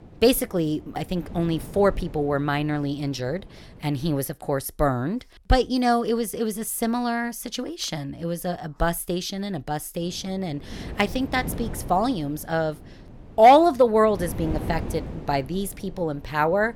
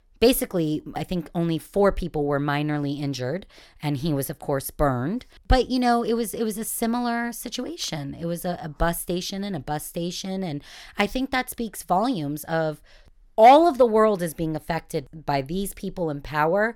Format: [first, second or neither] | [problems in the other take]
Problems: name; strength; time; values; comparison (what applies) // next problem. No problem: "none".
second | wind noise on the microphone; occasional gusts; until 4 s and from 10 s on; 20 dB below the speech